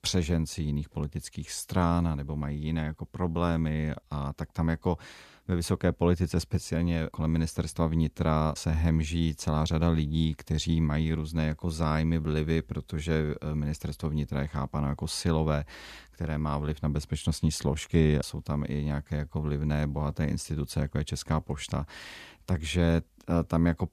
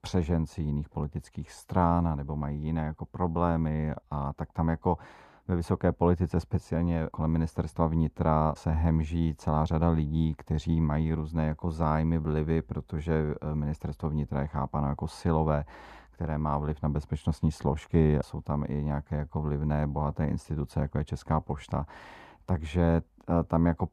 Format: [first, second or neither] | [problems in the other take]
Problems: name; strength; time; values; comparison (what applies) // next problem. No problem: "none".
first | muffled; very; fading above 2 kHz